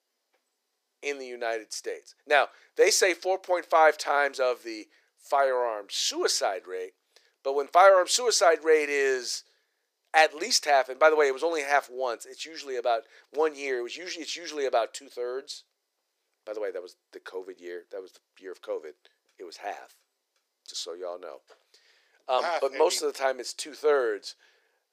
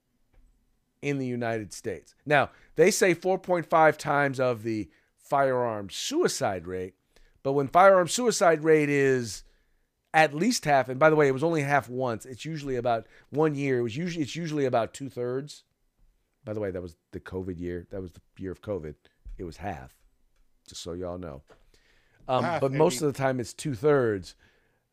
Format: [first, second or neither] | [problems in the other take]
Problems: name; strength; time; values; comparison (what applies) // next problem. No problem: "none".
second | thin; very; fading below 400 Hz